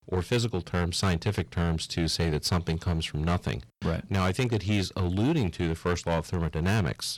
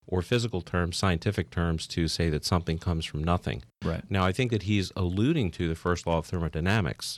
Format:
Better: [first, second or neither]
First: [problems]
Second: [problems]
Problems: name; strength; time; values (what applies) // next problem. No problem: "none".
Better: second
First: distortion; slight; 8% of the sound clipped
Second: none